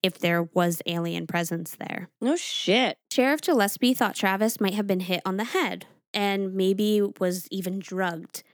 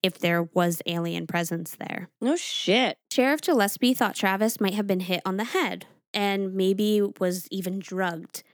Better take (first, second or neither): neither